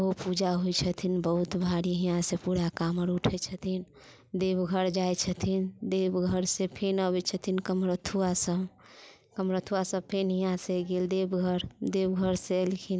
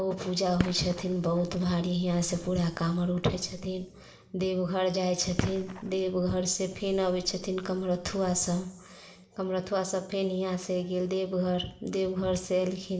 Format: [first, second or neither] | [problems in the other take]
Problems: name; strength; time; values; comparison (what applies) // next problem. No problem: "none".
first | background sound (Fireworks); 13 dB below the speech // room echo; dies away in 1.7 s